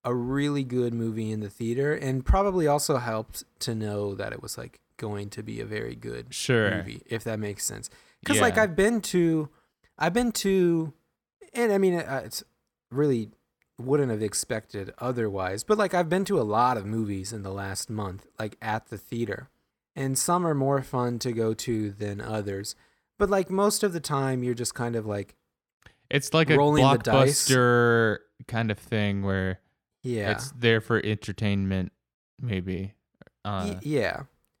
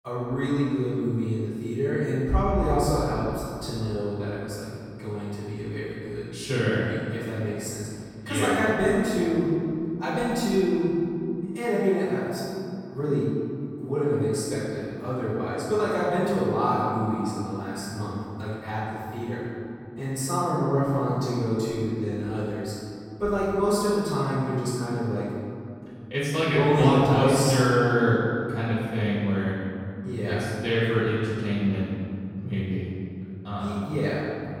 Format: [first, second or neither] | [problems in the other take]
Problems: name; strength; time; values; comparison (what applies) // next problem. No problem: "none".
first | off-mic speech; far // room echo; strong; dies away in 2.8 s